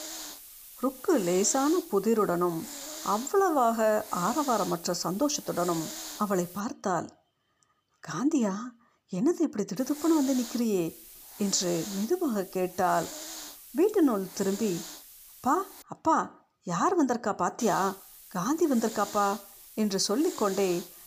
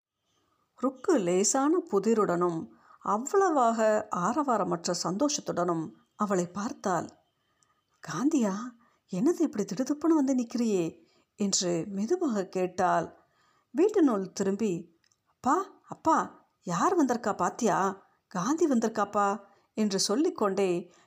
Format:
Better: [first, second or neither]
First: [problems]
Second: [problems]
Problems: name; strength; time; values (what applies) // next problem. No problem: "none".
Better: second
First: hiss; noticeable; until 6.5 s, from 10 to 16 s and from 18 s on; 15 dB below the speech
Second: none